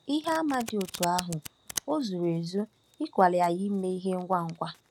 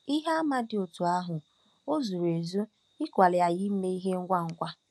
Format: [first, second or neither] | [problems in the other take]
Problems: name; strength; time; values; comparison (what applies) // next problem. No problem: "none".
second | background sound (Domestic sounds, home sounds); 15 dB below the speech